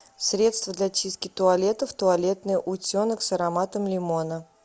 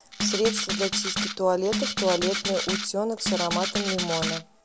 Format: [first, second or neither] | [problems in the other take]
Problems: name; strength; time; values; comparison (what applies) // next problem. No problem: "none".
first | background sound (Rattle (instrument)); 2 dB below the speech